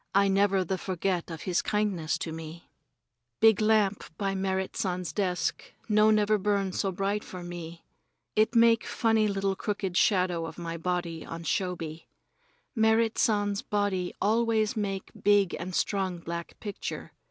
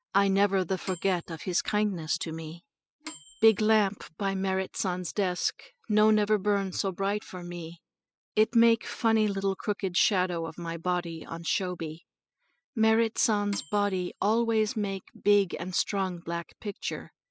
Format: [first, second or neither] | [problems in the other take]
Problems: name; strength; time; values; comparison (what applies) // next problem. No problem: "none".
first | noise reduction (classical method spectral subtraction)